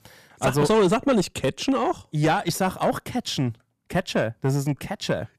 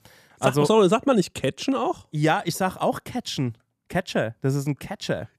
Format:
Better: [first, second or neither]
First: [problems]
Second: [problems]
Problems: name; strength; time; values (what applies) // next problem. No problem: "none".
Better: second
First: distortion; slight; 10 dB below the speech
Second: none